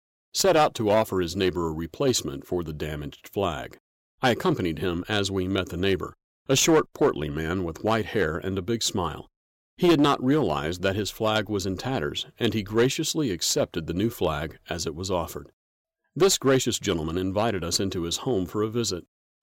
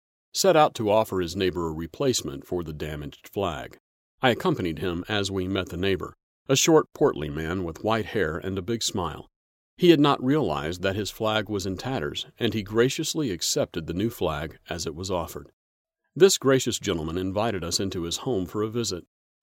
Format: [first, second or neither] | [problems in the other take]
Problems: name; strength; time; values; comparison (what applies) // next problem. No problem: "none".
second | distortion; slight; 2% of the sound clipped